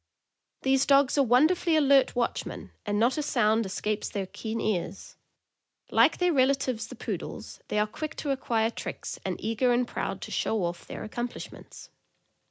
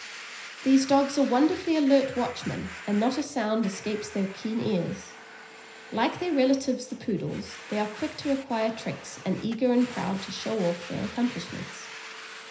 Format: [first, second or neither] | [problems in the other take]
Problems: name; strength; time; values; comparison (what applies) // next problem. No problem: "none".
first | background sound (Domestic sounds, home sounds); 15 dB below the speech // room echo; dies away in 0.5 s